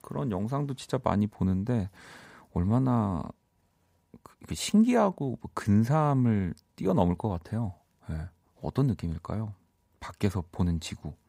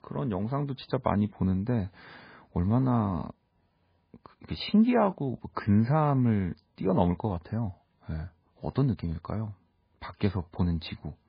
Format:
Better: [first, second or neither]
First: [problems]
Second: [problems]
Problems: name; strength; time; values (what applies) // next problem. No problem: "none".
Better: first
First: none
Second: garbled, watery; badly; nothing above 4 kHz